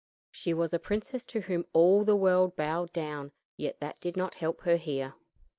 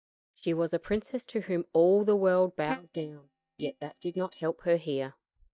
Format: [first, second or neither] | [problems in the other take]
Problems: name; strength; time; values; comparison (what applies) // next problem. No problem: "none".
first | noise reduction (neural mask model DeepFilterNet 3)